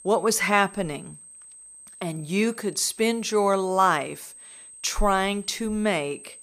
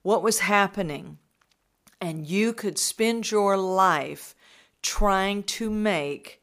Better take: second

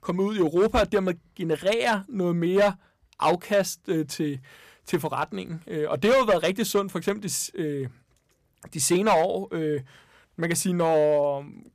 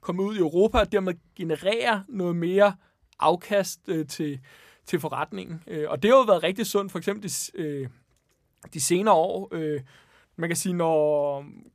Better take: second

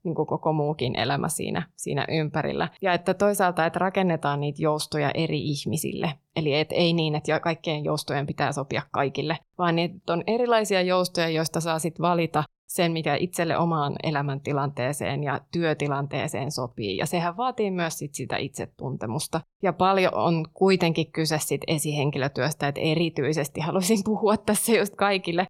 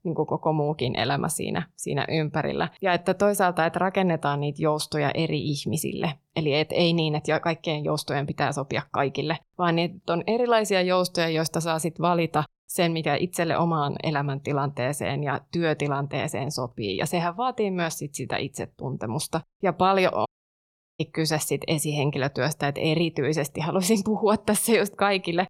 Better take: first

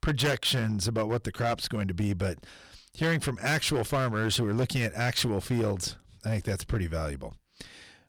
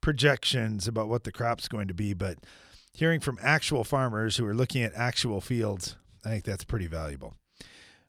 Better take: second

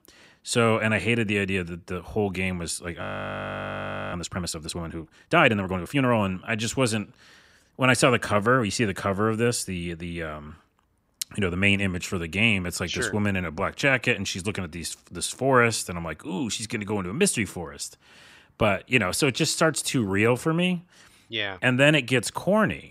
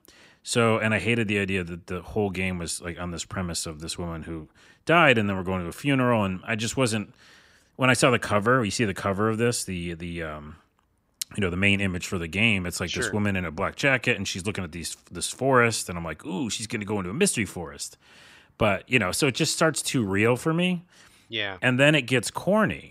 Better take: second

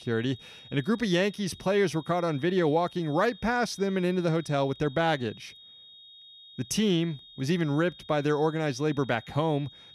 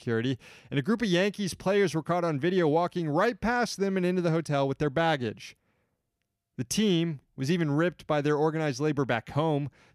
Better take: second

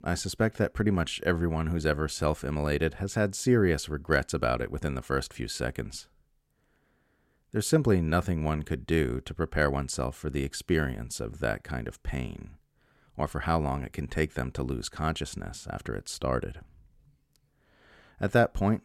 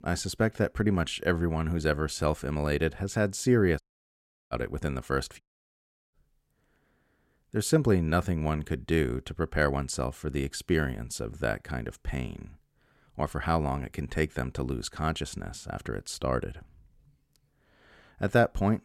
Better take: first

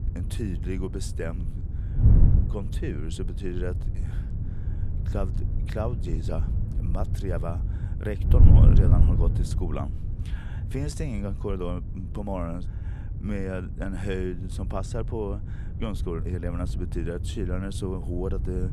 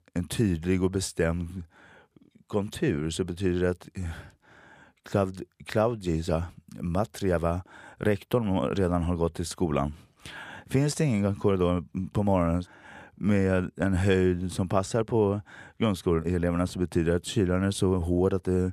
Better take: second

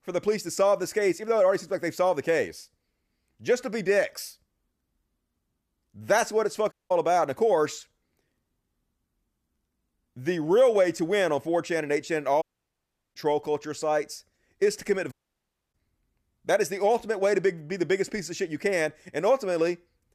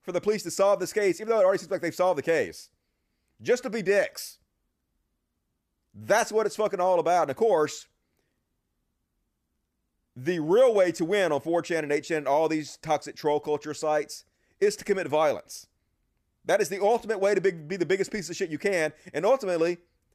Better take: second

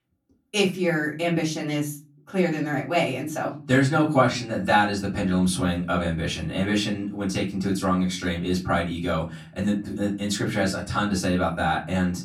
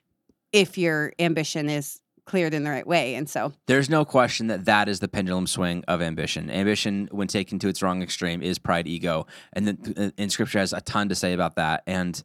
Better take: second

